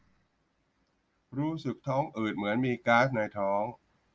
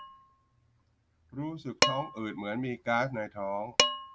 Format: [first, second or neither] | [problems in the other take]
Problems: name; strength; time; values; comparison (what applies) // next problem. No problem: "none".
first | background sound (Dishes, pots, and pans); 1 dB above the speech